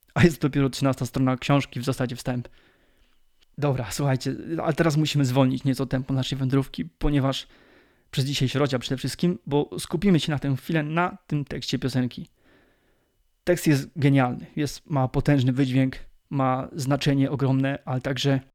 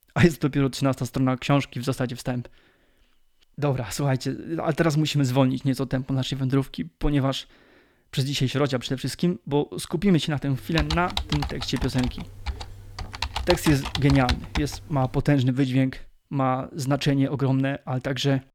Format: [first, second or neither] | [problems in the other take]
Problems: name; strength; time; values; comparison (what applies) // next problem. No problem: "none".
first | keyboard typing; noticeable; from 11 to 15 s; peak 3 dB below the speech